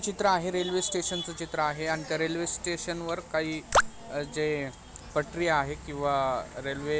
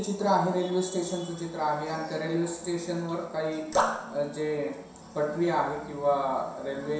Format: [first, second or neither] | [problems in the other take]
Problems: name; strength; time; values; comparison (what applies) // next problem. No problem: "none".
first | room echo; dies away in 0.7 s